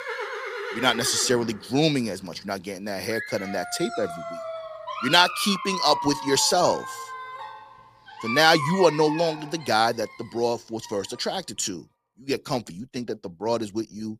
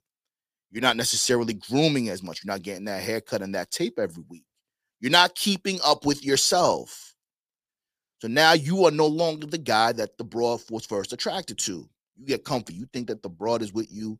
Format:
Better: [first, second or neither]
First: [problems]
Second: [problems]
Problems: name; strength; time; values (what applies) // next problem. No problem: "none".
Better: second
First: animal sounds; loud; until 11 s; 9 dB below the speech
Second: none